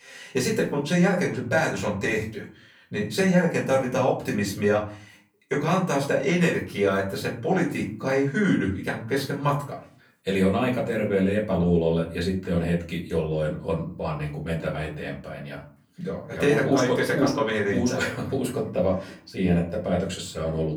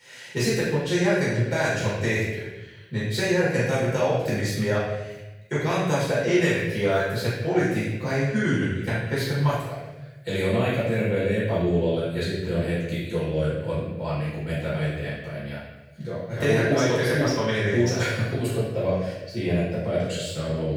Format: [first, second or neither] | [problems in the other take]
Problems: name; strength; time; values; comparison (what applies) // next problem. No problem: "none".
first | room echo; strong; dies away in 1 s; slight in the first // off-mic speech; far; far in the first